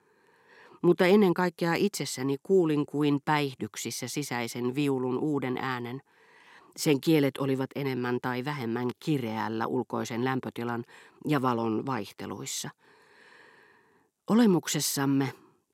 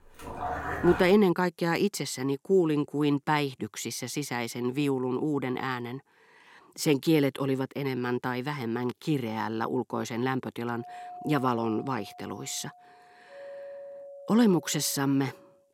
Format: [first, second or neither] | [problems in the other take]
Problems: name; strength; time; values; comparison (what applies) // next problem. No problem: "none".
first | dog barking; noticeable; until 1 s; peak 4 dB below the speech // doorbell; faint; from 11 s on; peak 15 dB below the speech